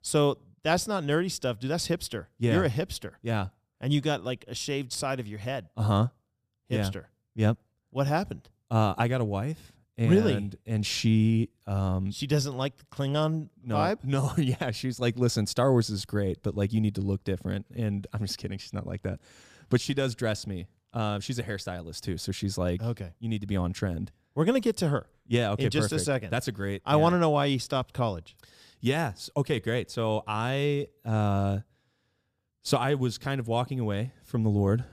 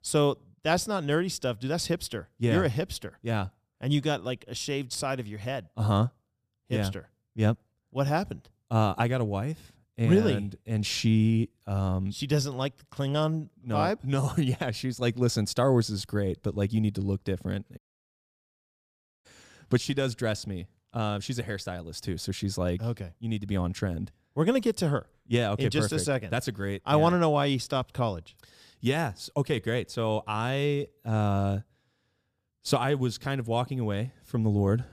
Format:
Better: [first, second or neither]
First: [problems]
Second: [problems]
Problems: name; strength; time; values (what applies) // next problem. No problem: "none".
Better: first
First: none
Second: audio cutting out; at 18 s for 1.5 s